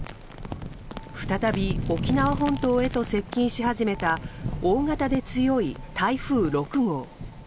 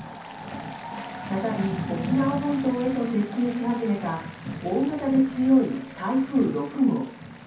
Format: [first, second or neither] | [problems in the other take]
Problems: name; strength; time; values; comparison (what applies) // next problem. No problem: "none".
first | background sound (Applause); 16 dB below the speech // room echo; dies away in 0.6 s